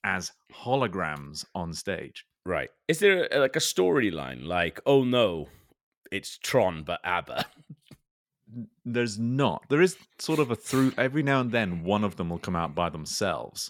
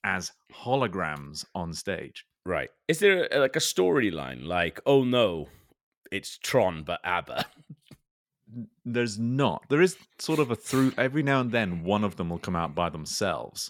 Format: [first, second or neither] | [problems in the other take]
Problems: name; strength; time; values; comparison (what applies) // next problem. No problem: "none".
neither | none